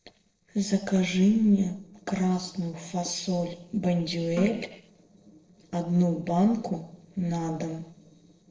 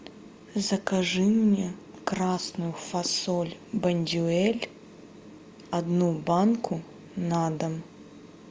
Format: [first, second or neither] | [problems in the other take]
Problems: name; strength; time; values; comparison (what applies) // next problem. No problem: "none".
second | noise reduction (neural separator model SepFormer DNS4)